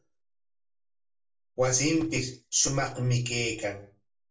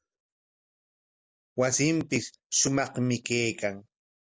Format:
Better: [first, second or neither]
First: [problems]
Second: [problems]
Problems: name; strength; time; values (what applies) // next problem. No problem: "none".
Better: second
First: room echo; dies away in 0.3 s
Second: none